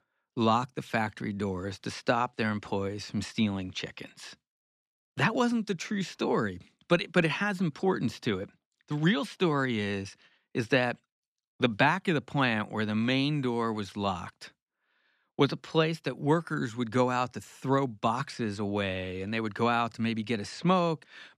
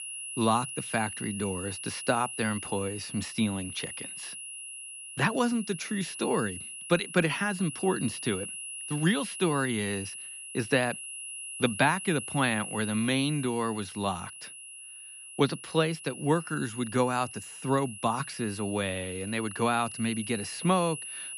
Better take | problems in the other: first | high-pitched whine; loud; throughout; 10.5 kHz, 9 dB below the speech

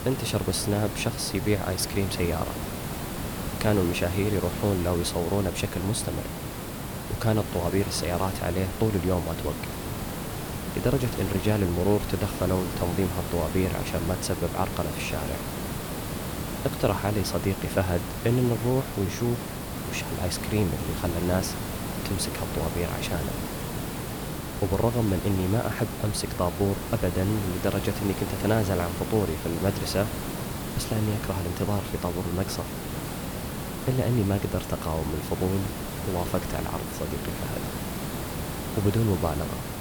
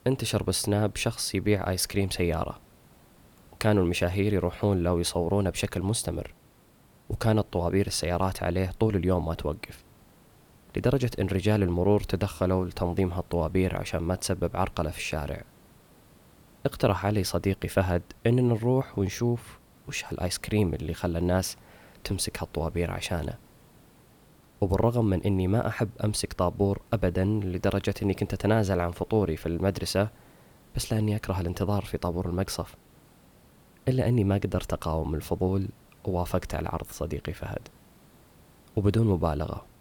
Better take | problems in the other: second | hiss; loud; throughout; 5 dB below the speech; faint in the second

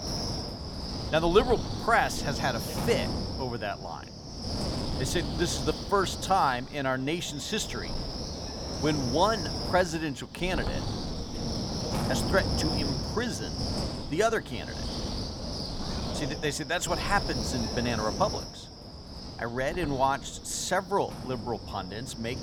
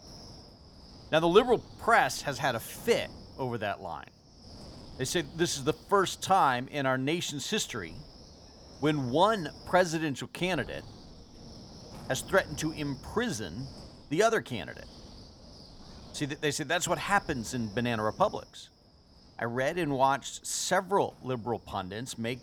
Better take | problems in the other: second | wind noise on the microphone; heavy; 7 dB below the speech; occasional gusts in the second

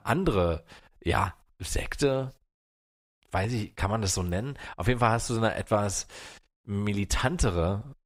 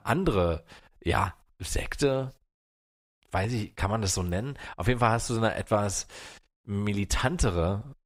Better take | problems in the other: neither | none

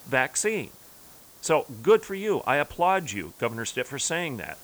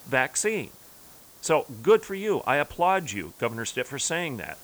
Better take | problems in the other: neither | hiss; faint; throughout; 20 dB below the speech; the same in both

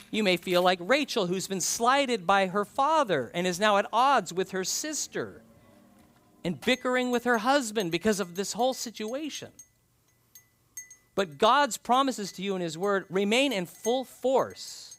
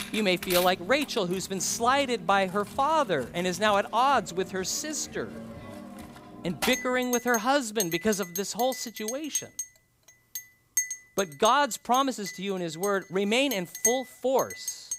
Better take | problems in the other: first | household noises; loud; throughout; 8 dB below the speech; faint in the first

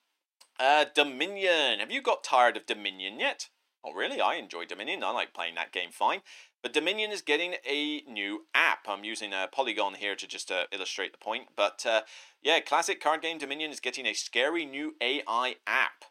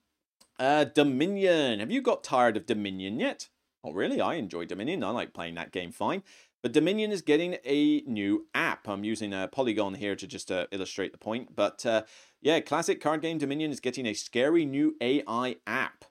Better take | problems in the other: second | thin; somewhat; fading below 600 Hz

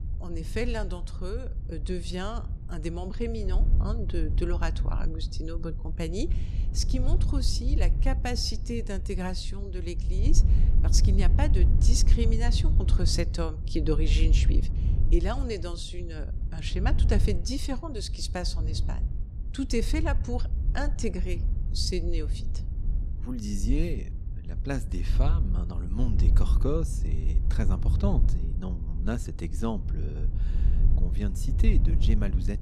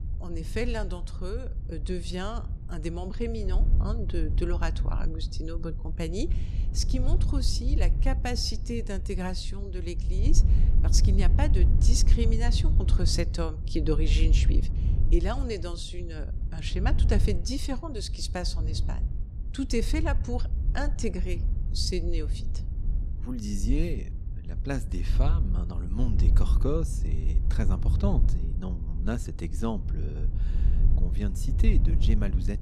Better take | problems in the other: neither | wind noise on the microphone; occasional gusts; 10 dB below the speech; the same in both

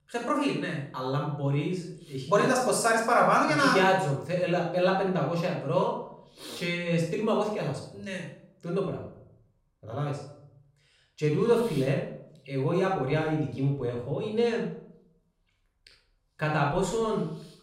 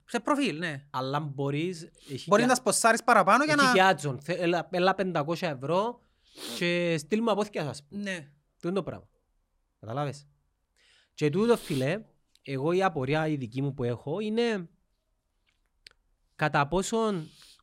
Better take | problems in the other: second | off-mic speech; somewhat distant // room echo; noticeable; dies away in 0.5 s

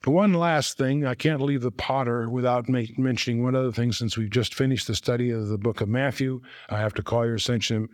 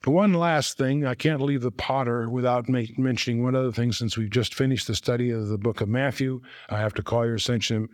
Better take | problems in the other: neither | none

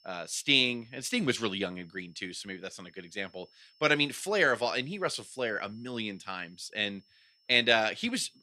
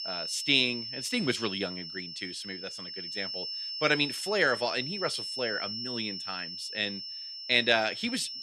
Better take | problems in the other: first | high-pitched whine; loud; throughout; 5.5 kHz, 6 dB below the speech; faint in the first

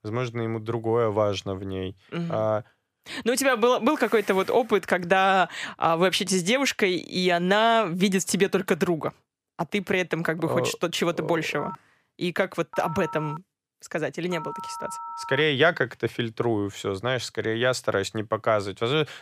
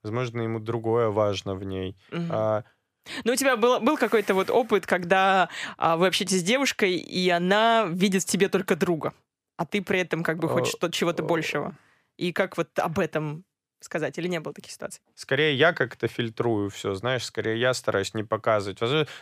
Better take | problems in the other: second | phone ringing; faint; from 12 to 15 s; peak 10 dB below the speech

